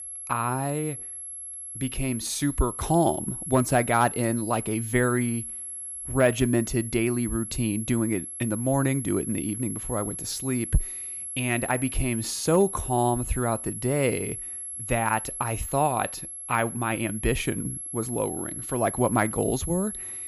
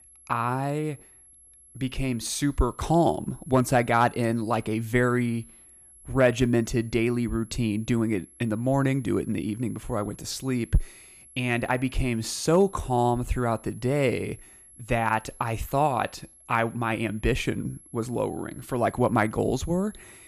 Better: second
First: high-pitched whine; loud; throughout; 11 kHz, 7 dB below the speech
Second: high-pitched whine; faint; throughout; 11 kHz, 25 dB below the speech

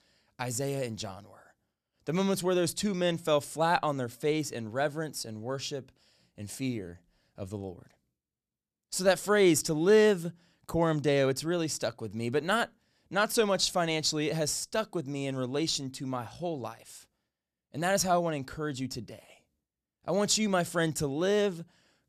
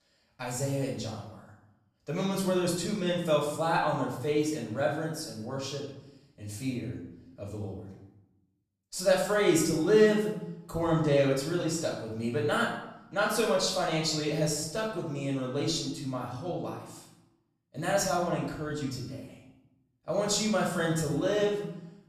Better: first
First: none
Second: off-mic speech; far // room echo; noticeable; dies away in 0.8 s

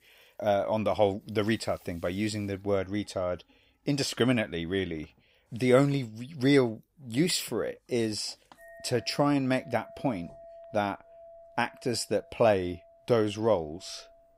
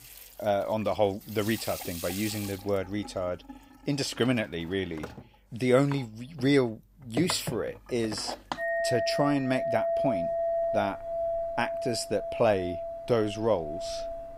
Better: first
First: household noises; faint; throughout; 25 dB below the speech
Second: household noises; loud; throughout; 4 dB below the speech

